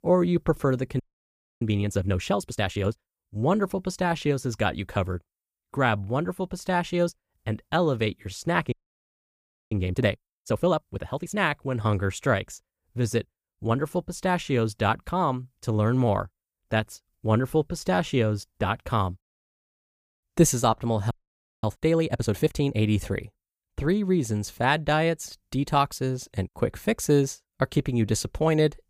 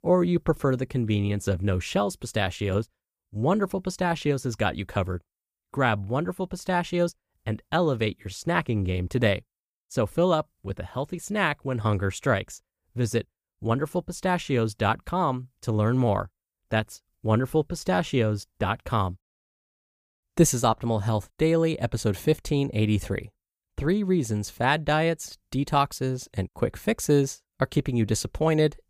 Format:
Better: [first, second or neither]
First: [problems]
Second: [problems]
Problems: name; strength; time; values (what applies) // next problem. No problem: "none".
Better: second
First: audio freezing; at 1 s for 0.5 s, at 8.5 s for 1 s and at 21 s for 0.5 s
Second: none